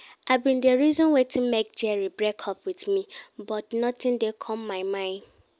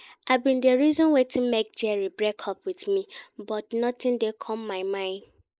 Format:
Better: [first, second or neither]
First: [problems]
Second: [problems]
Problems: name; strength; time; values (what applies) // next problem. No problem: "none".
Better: first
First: none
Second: noise reduction (neural mask model Resemble Enhance denoiser)